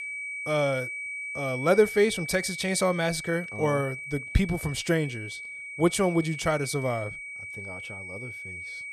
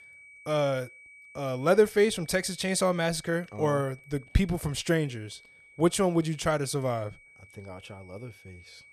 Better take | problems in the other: second | high-pitched whine; loud; throughout; 2.5 kHz, 9 dB below the speech; faint in the second

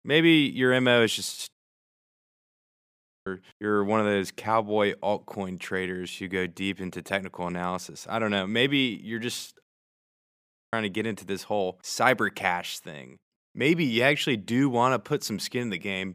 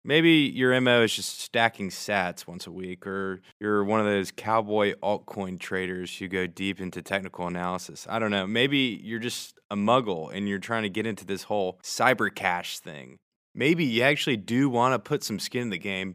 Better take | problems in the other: second | audio cutting out; at 1.5 s for 1.5 s and at 9.5 s for 1 s

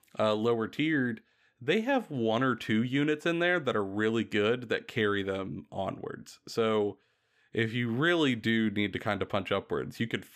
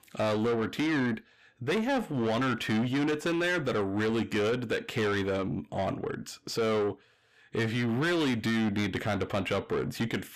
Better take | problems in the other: first | distortion; heavy; 7 dB below the speech

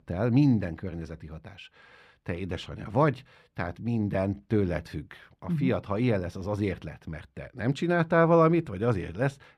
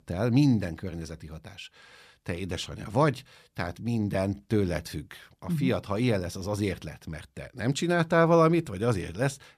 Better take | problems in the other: second | muffled; slightly; fading above 4 kHz

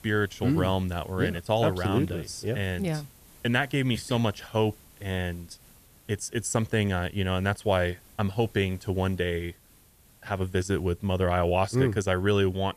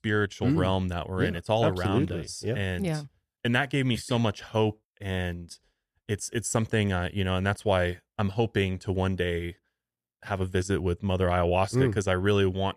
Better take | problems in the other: second | hiss; faint; throughout; 25 dB below the speech

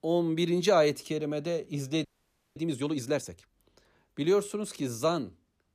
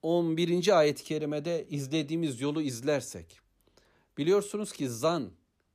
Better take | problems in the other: second | audio freezing; at 2 s for 0.5 s

